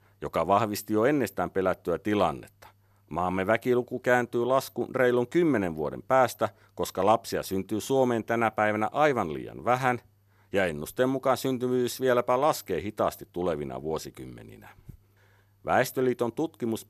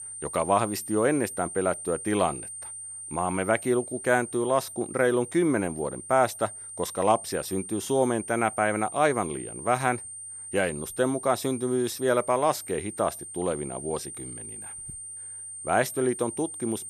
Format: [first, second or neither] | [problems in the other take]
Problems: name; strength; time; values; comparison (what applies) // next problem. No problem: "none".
first | high-pitched whine; noticeable; throughout; 9 kHz, 10 dB below the speech